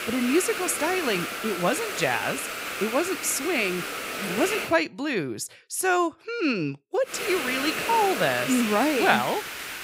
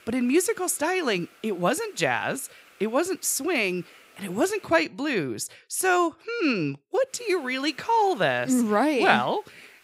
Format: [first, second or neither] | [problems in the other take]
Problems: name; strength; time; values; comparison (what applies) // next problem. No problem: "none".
second | hiss; loud; until 4.5 s and from 7 s on; 4 dB below the speech; faint in the second